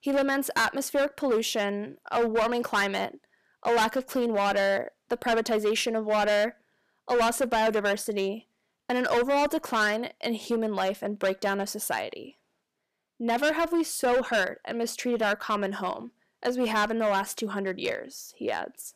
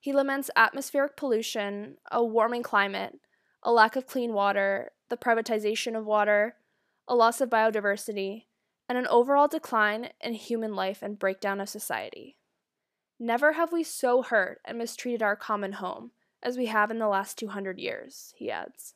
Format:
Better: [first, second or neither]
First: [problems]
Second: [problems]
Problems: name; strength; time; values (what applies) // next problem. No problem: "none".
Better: second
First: distortion; heavy; 10% of the sound clipped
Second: none